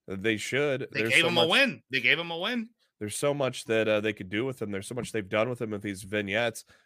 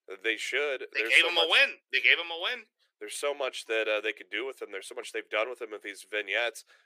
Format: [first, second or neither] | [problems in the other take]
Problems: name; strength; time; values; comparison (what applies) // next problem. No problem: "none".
first | thin; very; fading below 350 Hz